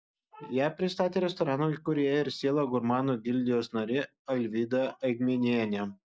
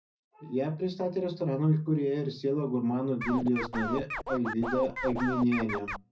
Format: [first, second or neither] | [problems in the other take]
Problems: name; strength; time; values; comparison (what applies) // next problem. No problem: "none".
first | background sound (Scratching (performance technique)); 6 dB below the speech // room echo; dies away in 0.4 s